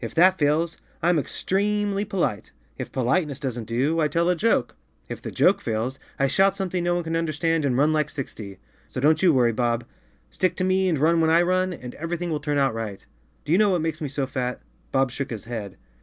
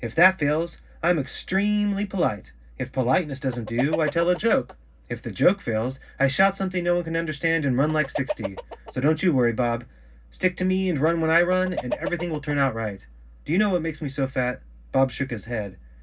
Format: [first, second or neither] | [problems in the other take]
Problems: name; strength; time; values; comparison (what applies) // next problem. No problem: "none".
first | background sound (Chicken, rooster); 11 dB below the speech // room echo; dies away in 0.4 s